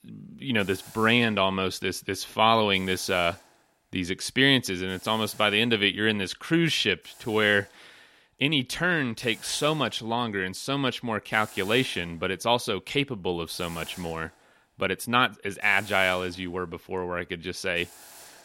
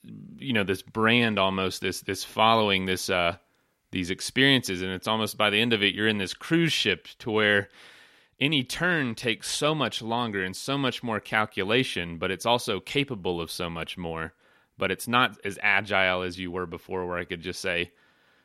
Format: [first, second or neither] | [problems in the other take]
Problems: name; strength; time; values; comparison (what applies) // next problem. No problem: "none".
second | hiss; faint; throughout; 20 dB below the speech